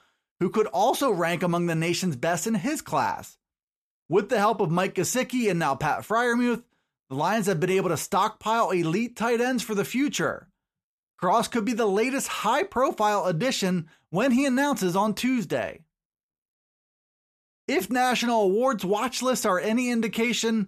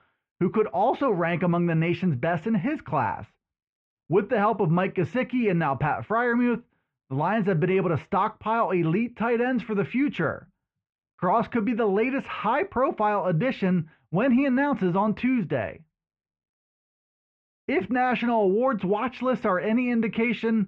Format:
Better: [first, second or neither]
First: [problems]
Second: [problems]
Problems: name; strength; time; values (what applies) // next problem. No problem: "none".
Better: first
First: none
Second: muffled; very; fading above 2.5 kHz